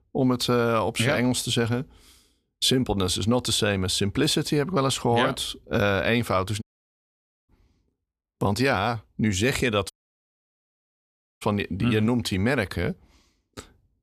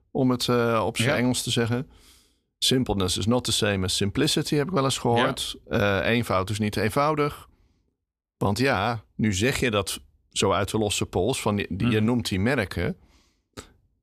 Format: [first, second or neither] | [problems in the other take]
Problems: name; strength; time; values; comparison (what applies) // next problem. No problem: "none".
second | audio cutting out; at 6.5 s for 1 s and at 10 s for 1.5 s